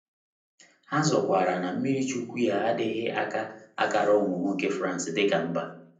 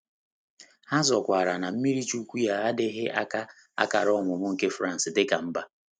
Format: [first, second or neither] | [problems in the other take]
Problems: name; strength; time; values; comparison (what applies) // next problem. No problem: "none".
second | room echo; dies away in 0.6 s